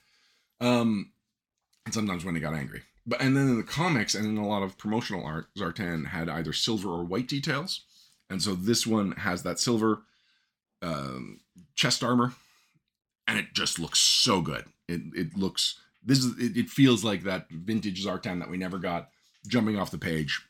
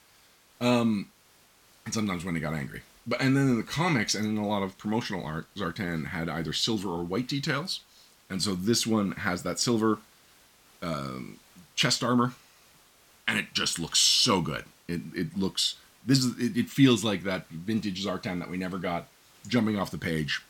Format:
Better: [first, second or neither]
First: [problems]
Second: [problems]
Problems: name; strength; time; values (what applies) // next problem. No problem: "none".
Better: first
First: none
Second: hiss; faint; throughout; 30 dB below the speech